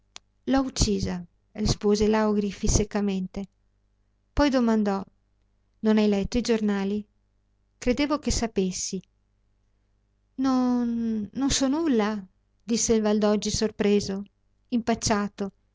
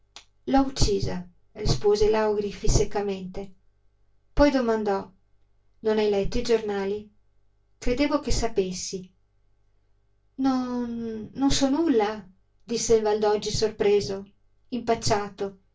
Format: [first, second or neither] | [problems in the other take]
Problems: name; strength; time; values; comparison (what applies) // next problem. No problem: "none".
first | room echo; dies away in 0.2 s